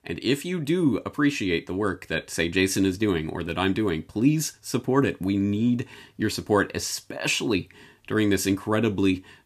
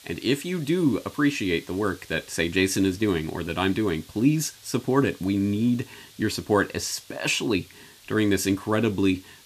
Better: first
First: none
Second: hiss; faint; throughout; 25 dB below the speech

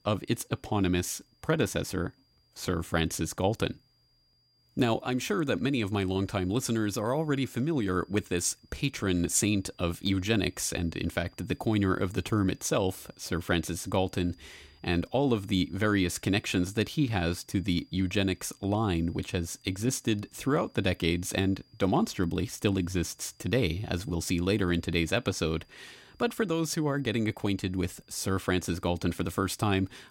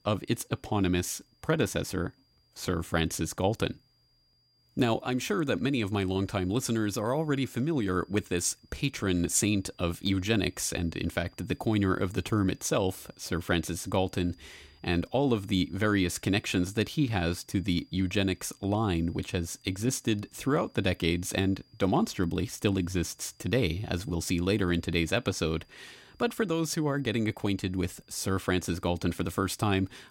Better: neither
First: high-pitched whine; faint; throughout; 5 kHz, 35 dB below the speech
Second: high-pitched whine; faint; throughout; 5 kHz, 35 dB below the speech

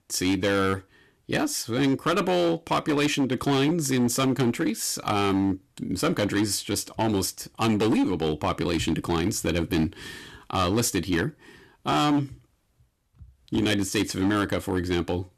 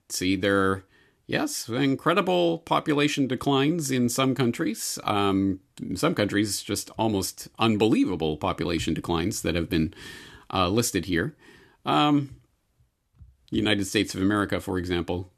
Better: second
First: distortion; slight; 10% of the sound clipped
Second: none

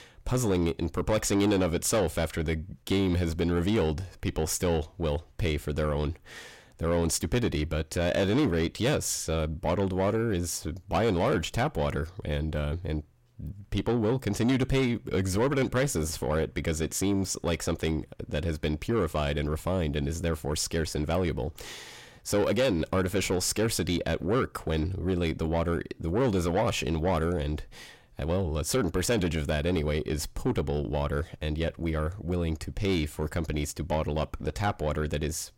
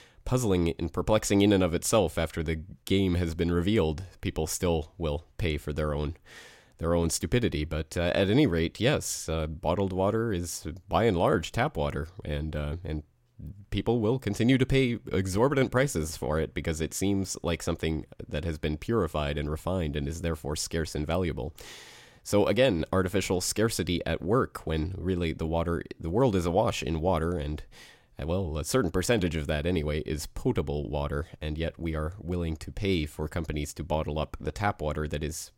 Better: second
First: distortion; slight; 10 dB below the speech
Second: none

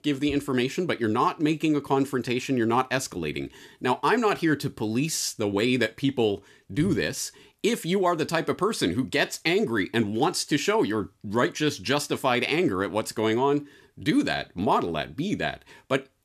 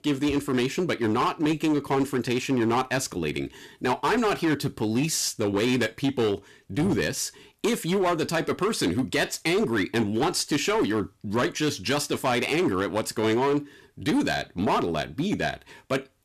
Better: first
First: none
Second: distortion; slight; 12% of the sound clipped

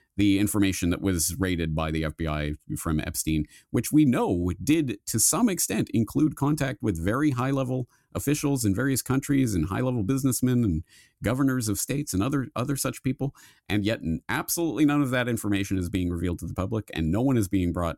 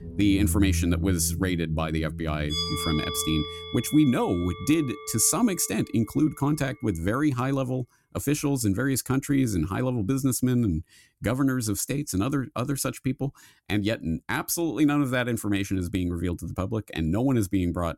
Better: first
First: none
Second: background music; loud; until 6.5 s; 6 dB below the speech

